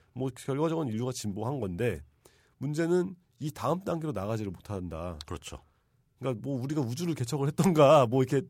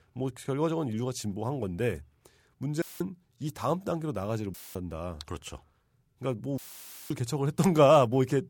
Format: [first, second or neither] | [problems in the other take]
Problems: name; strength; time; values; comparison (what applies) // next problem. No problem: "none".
first | audio cutting out; filled with static; at 3 s, at 4.5 s and at 6.5 s for 0.5 s